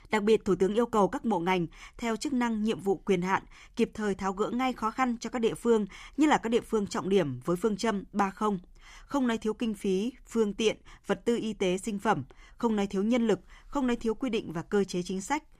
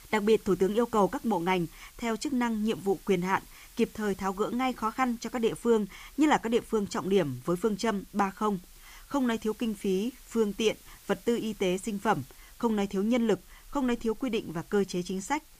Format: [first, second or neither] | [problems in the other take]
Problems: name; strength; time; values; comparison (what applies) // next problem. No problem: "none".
first | hiss; faint; throughout; 25 dB below the speech